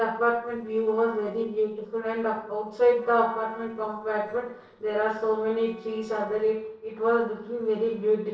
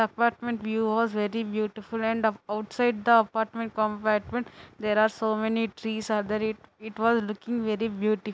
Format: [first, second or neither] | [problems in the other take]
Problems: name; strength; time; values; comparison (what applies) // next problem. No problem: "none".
second | noise reduction (neural separator model SepFormer DNS4)